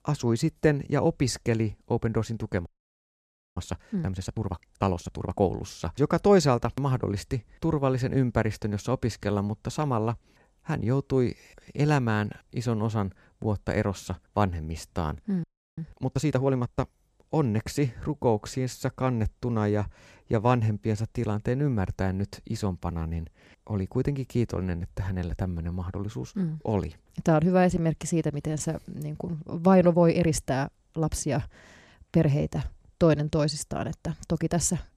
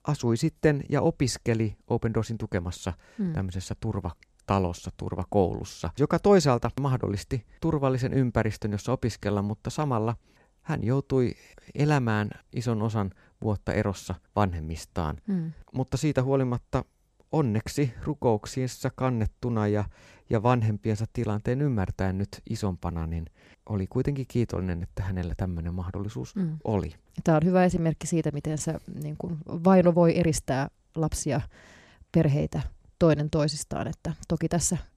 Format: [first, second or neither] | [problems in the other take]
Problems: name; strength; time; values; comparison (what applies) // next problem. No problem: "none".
second | audio freezing; at 2.5 s for 1 s and at 15 s